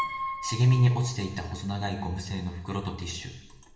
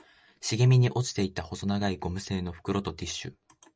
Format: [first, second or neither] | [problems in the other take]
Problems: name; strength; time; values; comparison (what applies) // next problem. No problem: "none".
second | background sound (Piano); 12 dB below the speech // room echo; dies away in 1 s